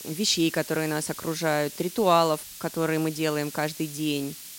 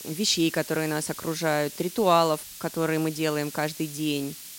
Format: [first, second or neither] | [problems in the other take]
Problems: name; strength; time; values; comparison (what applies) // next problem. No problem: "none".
neither | hiss; noticeable; throughout; 15 dB below the speech; the same in both